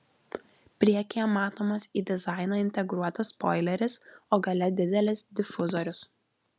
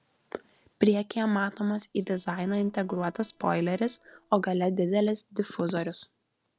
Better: first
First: none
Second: noise reduction (neural separator model SepFormer DNS4)

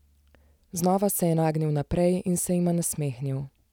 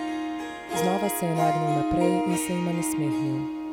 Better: first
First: none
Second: background sound (Harp); 2 dB above the speech

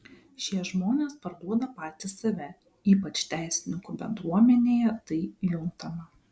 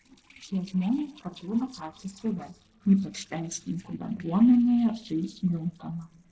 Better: first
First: none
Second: noise reduction (neural separator model SepFormer DNS4)

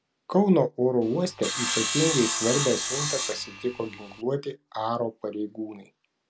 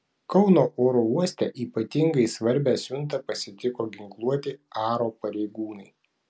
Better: second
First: background sound (Sawing); 3 dB below the speech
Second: none

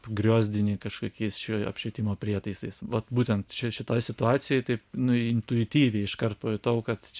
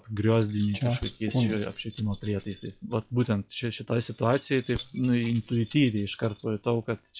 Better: first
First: none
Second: noise reduction (classical method log-MMSE)

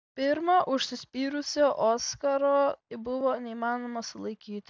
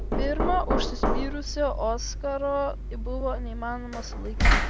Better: first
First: none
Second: background sound (Knock); 4 dB above the speech

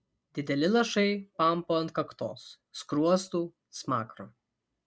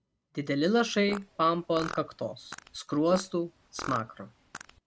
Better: first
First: none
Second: background sound (Fart); 14 dB below the speech

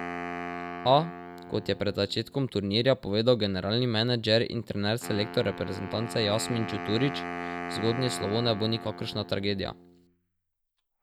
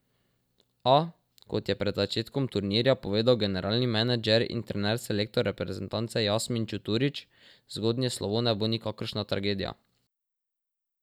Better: second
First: background sound (Wind instrument, woodwind instrument); 11 dB below the speech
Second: none

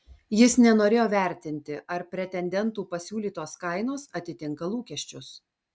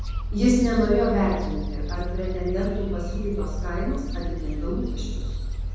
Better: first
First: none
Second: background sound (Gull, seagull); 2 dB below the speech // room echo; dies away in 1.3 s

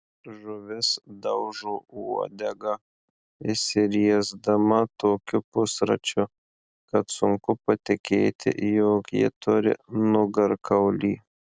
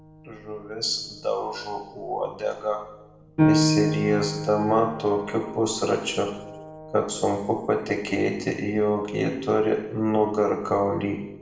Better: first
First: none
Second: background sound (Piano); 6 dB below the speech // room echo; dies away in 0.8 s

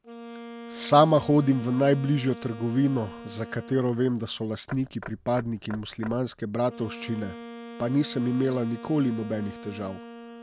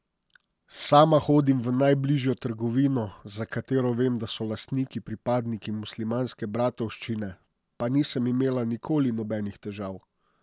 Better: second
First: background sound (Knock / Wood + Wind instrument, woodwind instrument); 15 dB below the speech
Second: none

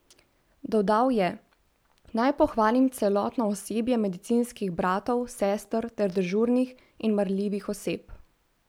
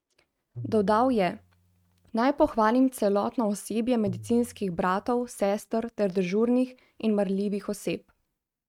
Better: first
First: none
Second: noise reduction (neural mask model RNNoise)

